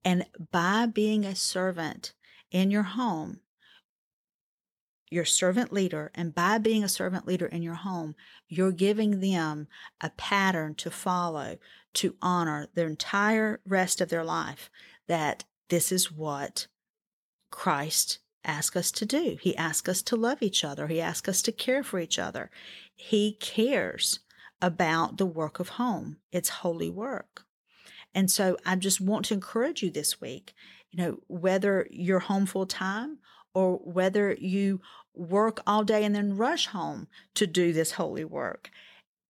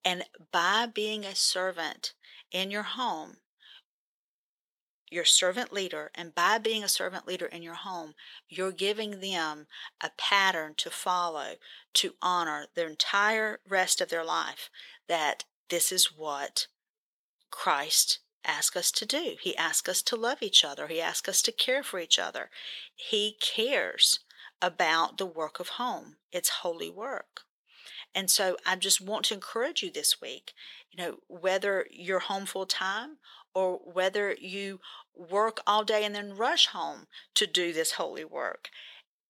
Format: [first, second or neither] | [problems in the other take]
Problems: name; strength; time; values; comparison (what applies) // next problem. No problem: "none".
first | thin; very; fading below 500 Hz